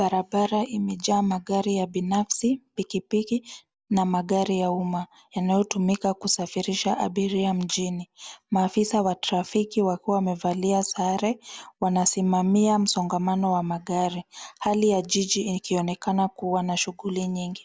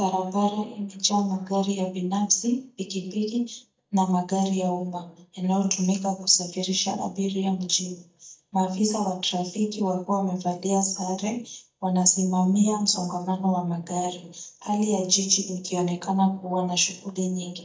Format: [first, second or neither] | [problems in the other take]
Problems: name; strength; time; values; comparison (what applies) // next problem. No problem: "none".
first | noise reduction (neural mask model DeepFilterNet 3)